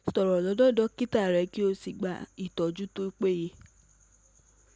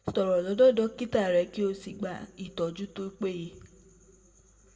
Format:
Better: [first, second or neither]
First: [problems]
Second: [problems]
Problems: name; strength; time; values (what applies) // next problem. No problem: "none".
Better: first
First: none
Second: room echo; dies away in 1.2 s